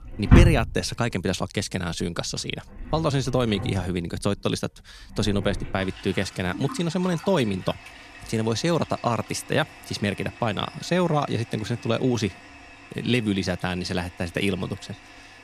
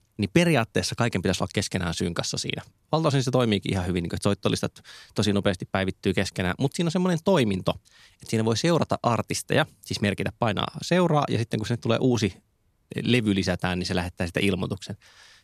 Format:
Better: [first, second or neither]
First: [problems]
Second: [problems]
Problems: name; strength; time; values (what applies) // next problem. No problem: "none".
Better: second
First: household noises; loud; throughout; 1 dB below the speech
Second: none